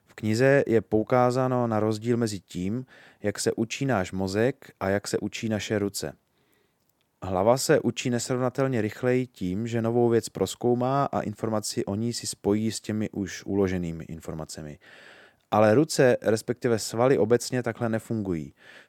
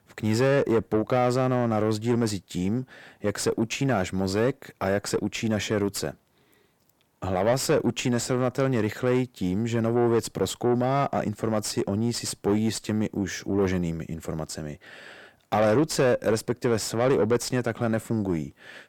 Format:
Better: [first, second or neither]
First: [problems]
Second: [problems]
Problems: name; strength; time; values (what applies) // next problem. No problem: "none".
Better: first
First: none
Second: distortion; slight; 10 dB below the speech